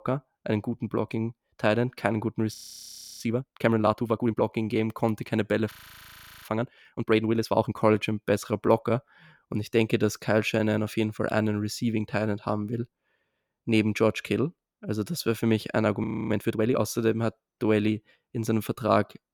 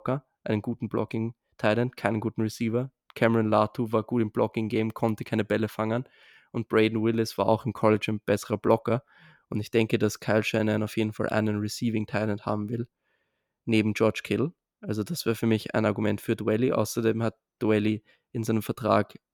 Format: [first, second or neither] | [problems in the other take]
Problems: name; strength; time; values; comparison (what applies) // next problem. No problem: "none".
second | audio freezing; at 2.5 s for 0.5 s, at 5.5 s for 0.5 s and at 16 s